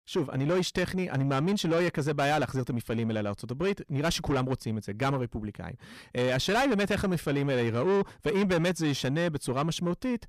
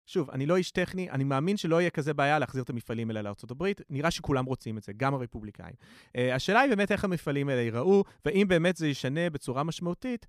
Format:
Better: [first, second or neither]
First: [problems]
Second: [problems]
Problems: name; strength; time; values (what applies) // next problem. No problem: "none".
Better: second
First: distortion; heavy; 8 dB below the speech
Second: none